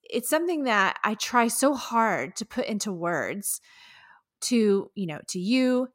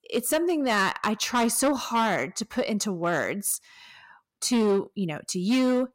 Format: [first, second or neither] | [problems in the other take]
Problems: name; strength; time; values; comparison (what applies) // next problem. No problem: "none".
first | distortion; slight; 7% of the sound clipped